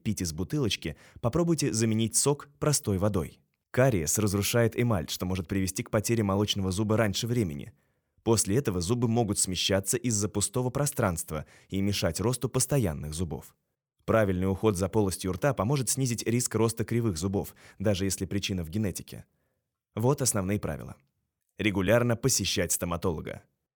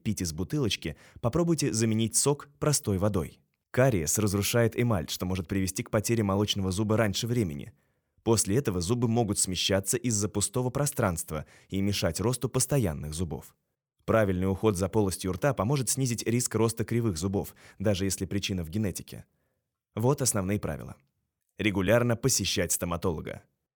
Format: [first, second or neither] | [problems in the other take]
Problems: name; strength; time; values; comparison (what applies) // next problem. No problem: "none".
neither | none